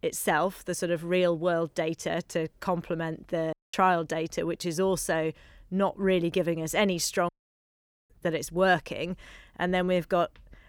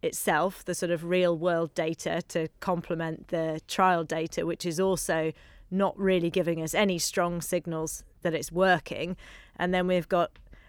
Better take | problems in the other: second | audio cutting out; at 3.5 s and at 7.5 s for 1 s

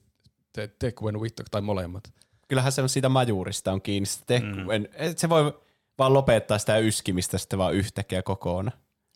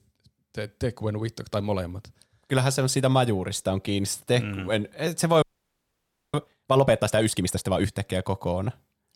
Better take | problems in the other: first | audio freezing; at 5.5 s for 1 s

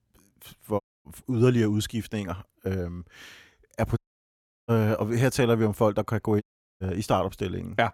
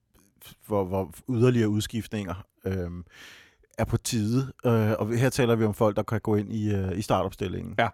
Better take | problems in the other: second | audio cutting out; at 1 s, at 4 s for 0.5 s and at 6.5 s

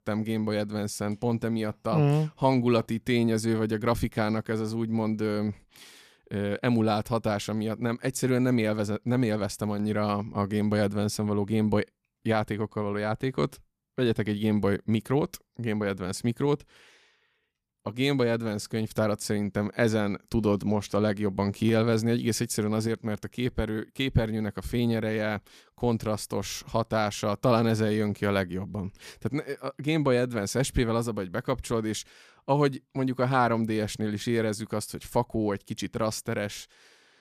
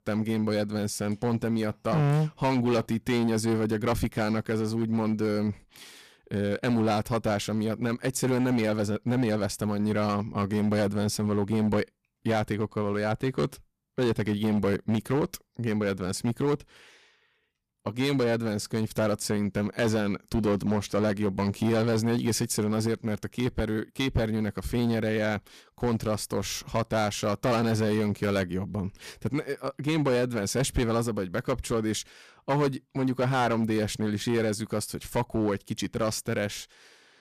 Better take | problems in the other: first | distortion; slight; 9% of the sound clipped

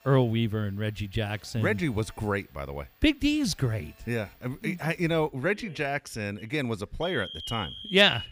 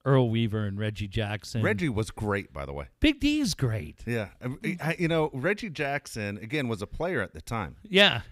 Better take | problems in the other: second | alarms or sirens; noticeable; throughout; 10 dB below the speech

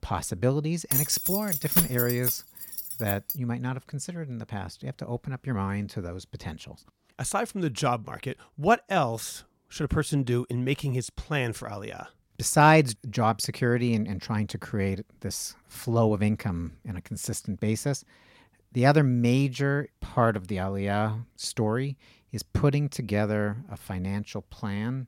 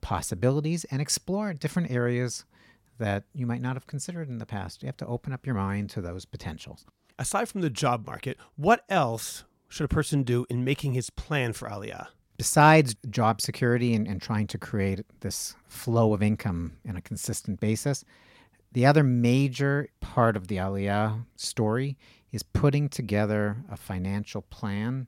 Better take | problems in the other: second | jangling keys; loud; from 1 to 3.5 s; peak 5 dB above the speech

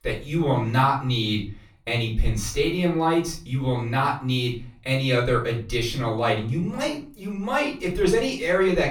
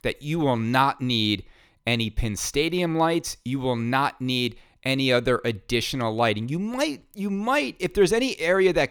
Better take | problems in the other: second | off-mic speech; far // room echo; slight; dies away in 0.3 s

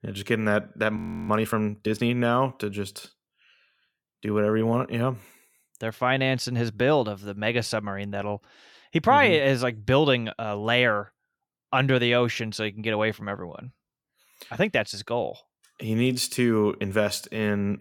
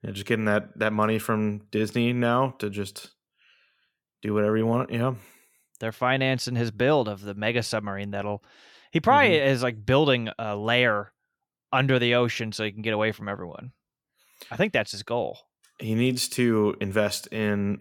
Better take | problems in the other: second | audio freezing; at 1 s

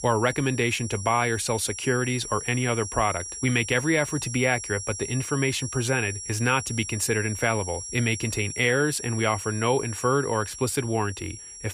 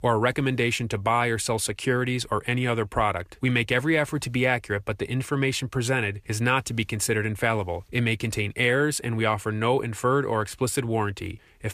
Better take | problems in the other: second | high-pitched whine; loud; throughout; 5.5 kHz, 9 dB below the speech

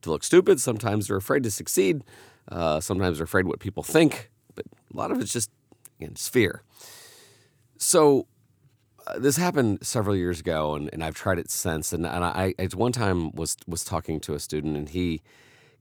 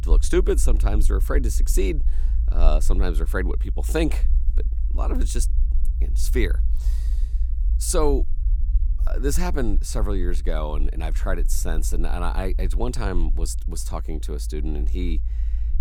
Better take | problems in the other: first | low rumble; noticeable; throughout; 20 dB below the speech

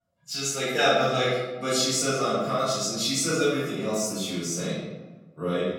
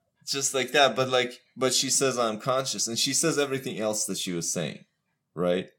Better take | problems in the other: second | room echo; strong; dies away in 1.1 s // off-mic speech; far

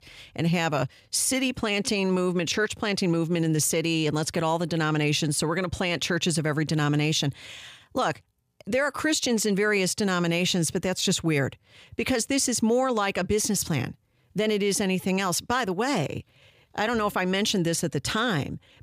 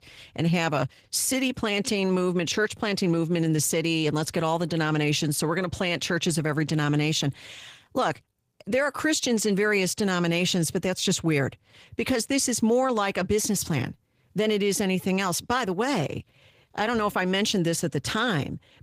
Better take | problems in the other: first | garbled, watery; slightly; nothing above 15 kHz

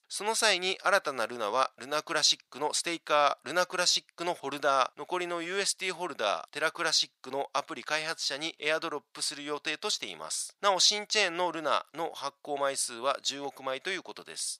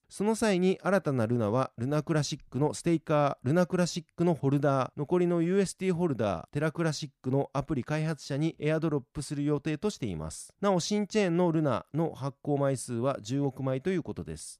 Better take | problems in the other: second | thin; very; fading below 900 Hz

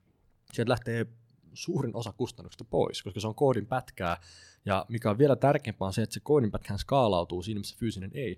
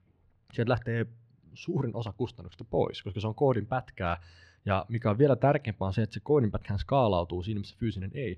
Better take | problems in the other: first | muffled; slightly; fading above 3 kHz

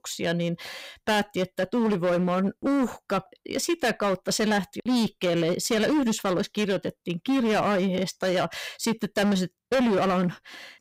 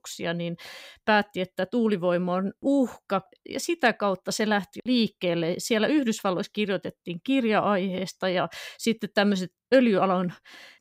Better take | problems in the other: second | distortion; heavy; 15% of the sound clipped

